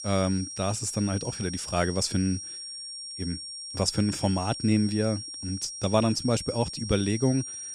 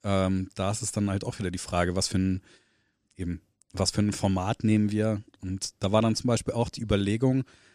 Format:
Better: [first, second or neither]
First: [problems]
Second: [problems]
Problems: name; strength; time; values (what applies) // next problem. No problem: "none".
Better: second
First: high-pitched whine; loud; throughout; 5.5 kHz, 8 dB below the speech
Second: none